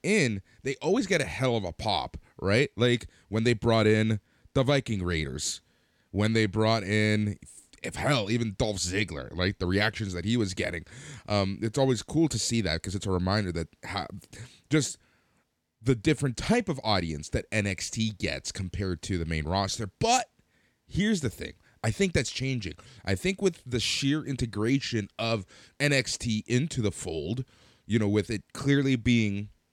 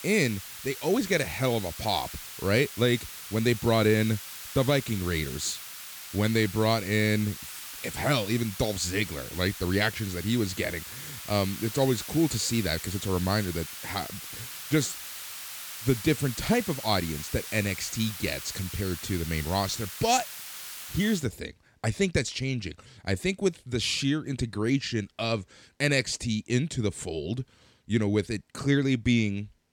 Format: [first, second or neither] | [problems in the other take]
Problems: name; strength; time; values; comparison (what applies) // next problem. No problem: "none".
first | hiss; loud; until 21 s; 10 dB below the speech